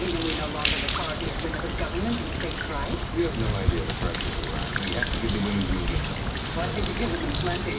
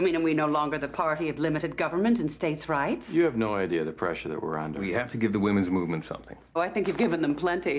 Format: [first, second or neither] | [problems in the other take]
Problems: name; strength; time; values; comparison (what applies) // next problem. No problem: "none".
second | background sound (Bird); 4 dB above the speech // room echo; dies away in 0.4 s